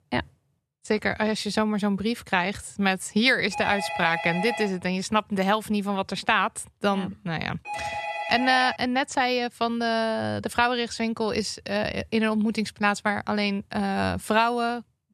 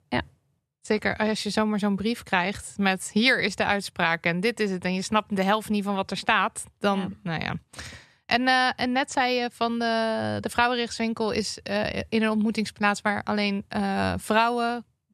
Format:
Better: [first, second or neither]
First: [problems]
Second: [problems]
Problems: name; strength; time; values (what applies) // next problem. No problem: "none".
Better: second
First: phone ringing; noticeable; from 3.5 to 9 s; peak 5 dB below the speech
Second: none